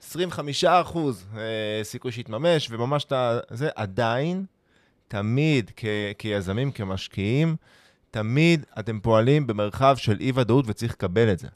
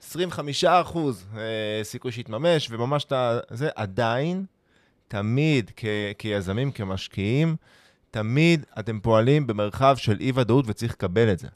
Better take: neither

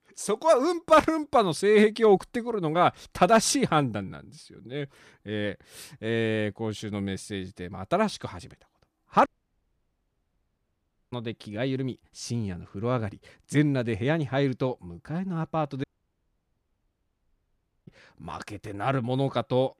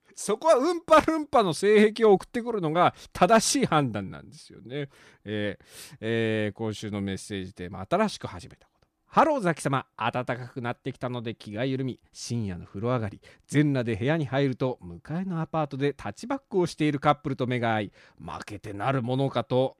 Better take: second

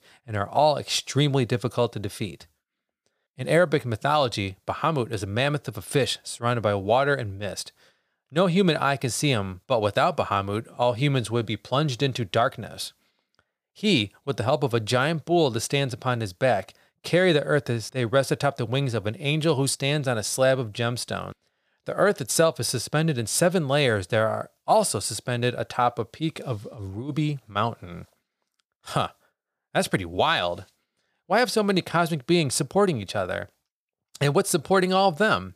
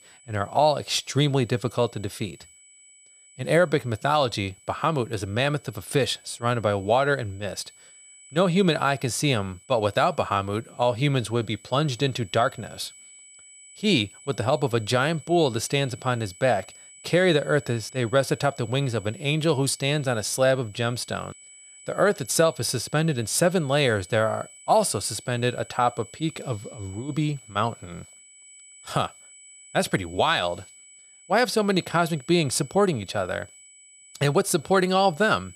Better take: first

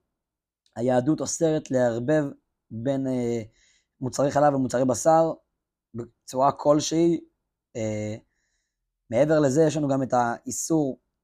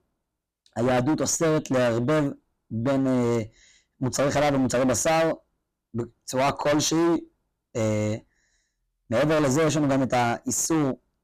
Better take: first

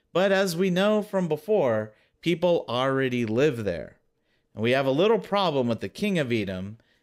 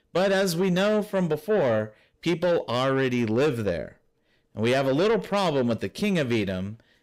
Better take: first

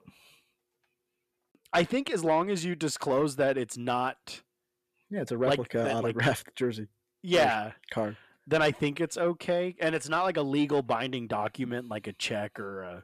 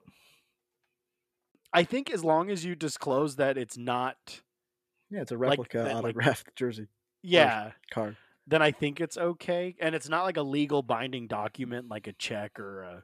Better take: second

